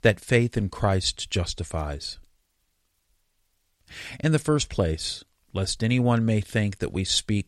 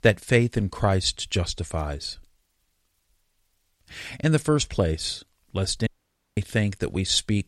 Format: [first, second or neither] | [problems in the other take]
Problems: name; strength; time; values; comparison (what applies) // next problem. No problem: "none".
first | audio cutting out; at 6 s for 0.5 s